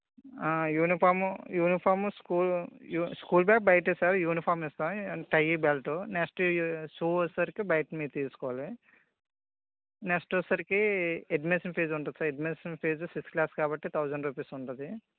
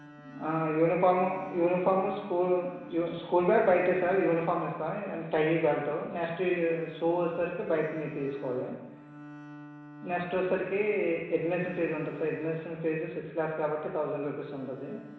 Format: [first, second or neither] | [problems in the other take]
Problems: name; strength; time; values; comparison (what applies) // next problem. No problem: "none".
first | background sound (Bowed string instrument); 19 dB below the speech // room echo; dies away in 1 s